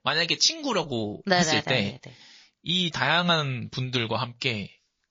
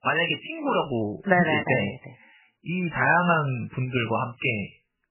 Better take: first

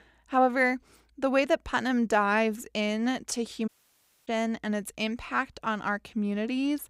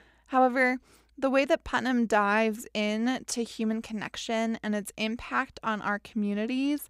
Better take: second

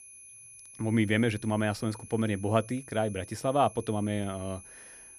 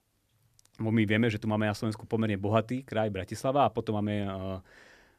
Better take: second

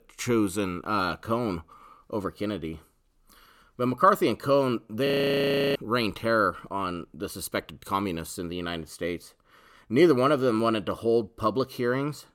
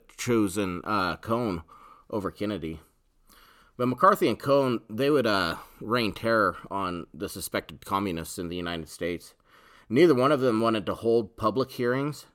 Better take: second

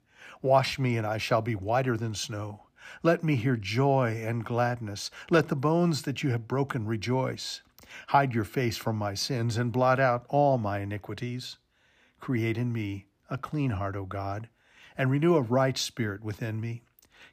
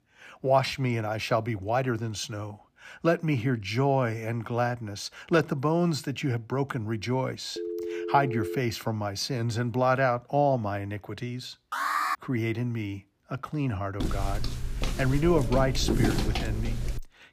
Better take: first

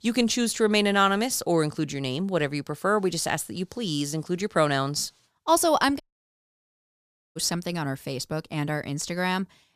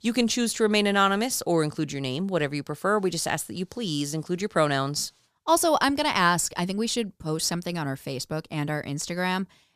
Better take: second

